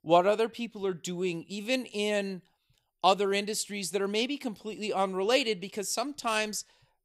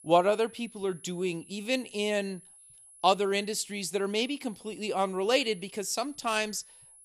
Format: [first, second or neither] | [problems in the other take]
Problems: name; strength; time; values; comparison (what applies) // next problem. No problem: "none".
first | high-pitched whine; faint; throughout; 10.5 kHz, 20 dB below the speech